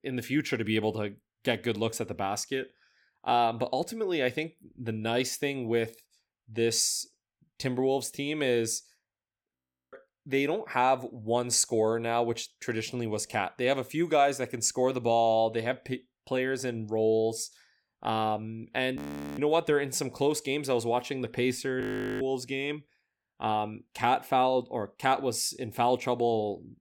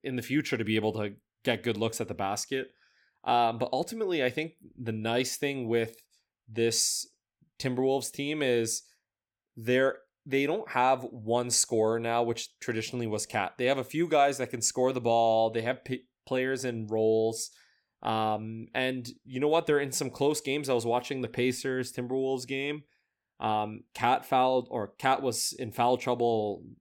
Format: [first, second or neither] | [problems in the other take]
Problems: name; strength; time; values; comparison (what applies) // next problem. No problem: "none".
second | audio freezing; at 9.5 s, at 19 s and at 22 s